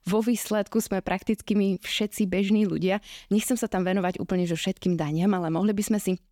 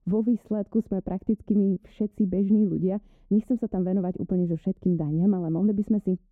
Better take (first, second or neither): first